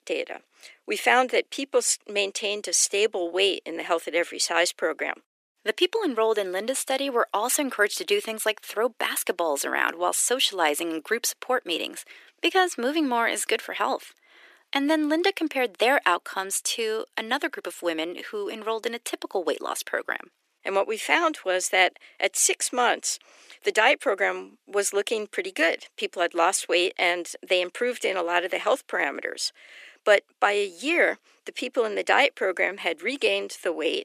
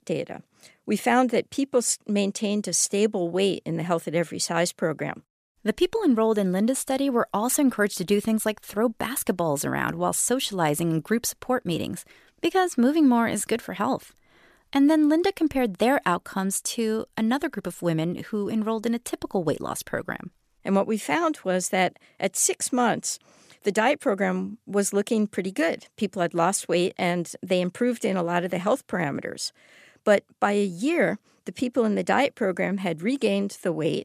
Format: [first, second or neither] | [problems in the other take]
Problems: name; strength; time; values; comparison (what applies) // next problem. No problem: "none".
second | thin; somewhat; fading below 350 Hz